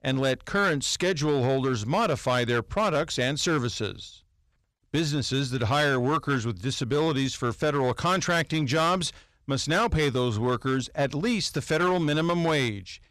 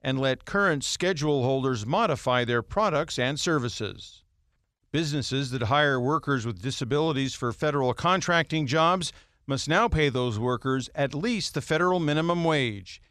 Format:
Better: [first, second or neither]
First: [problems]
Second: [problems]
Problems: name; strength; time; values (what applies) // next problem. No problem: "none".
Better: second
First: distortion; slight; 8% of the sound clipped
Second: none